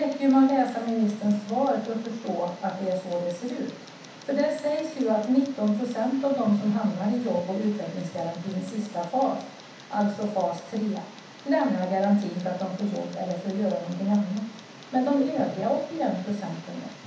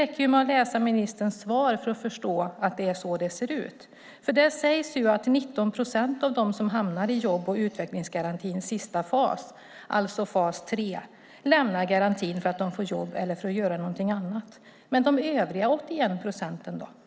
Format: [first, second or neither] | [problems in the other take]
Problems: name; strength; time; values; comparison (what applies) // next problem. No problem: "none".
second | background sound (Tick); 19 dB below the speech // room echo; dies away in 0.7 s